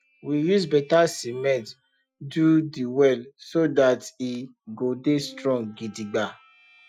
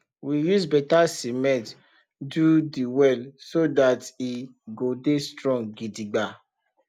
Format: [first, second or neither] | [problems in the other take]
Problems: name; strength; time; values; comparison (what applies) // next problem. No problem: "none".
second | noise reduction (classical method Wiener filter)